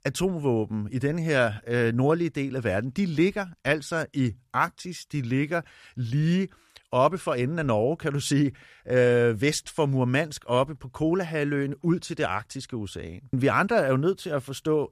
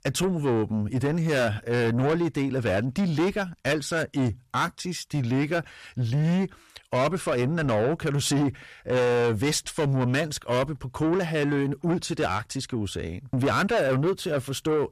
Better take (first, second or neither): first